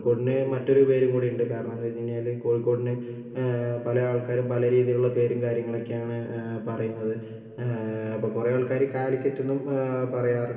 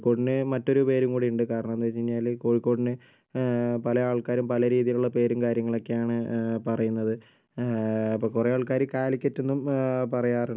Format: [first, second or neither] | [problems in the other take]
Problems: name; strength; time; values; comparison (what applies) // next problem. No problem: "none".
second | room echo; dies away in 2.5 s